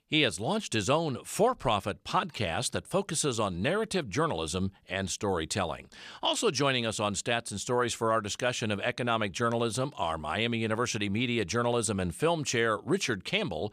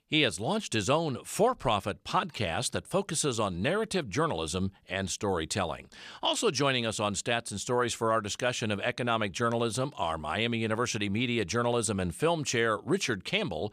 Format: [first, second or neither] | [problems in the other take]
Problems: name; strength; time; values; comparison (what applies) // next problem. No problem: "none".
neither | none